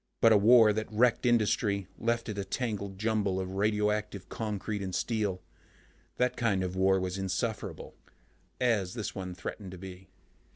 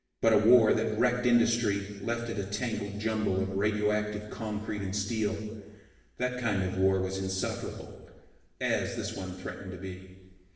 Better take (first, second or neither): first